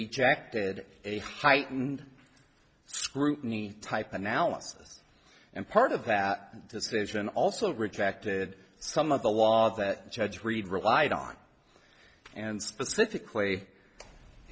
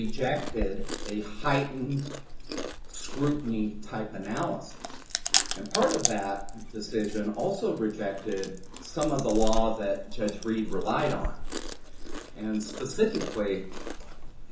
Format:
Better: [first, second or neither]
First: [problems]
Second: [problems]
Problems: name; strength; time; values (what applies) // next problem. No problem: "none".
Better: first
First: none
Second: background sound (Chewing, mastication); 2 dB below the speech // room echo; dies away in 0.7 s